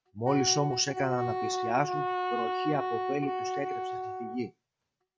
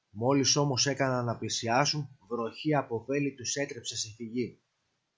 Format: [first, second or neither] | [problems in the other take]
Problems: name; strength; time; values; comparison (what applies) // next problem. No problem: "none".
second | noise reduction (neural mask model RNNoise)